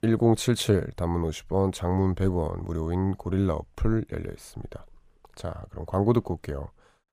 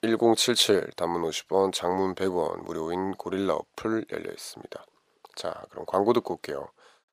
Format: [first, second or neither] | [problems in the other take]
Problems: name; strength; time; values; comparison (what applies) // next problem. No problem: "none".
first | thin; somewhat; fading below 400 Hz